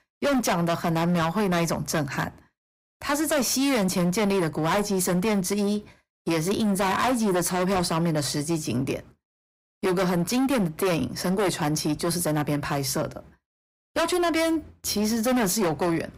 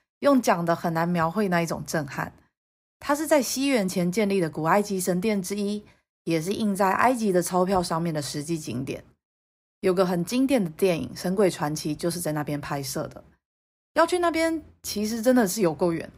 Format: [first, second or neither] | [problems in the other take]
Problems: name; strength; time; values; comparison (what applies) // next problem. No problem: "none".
second | distortion; heavy; 20% of the sound clipped